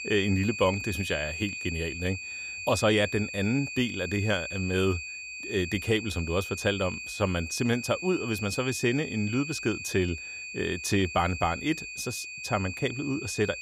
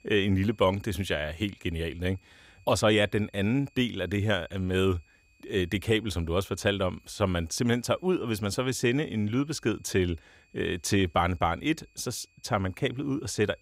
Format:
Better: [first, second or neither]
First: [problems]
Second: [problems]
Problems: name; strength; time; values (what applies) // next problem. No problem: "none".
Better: second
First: high-pitched whine; loud; throughout; 2.5 kHz, 7 dB below the speech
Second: high-pitched whine; faint; throughout; 2.5 kHz, 35 dB below the speech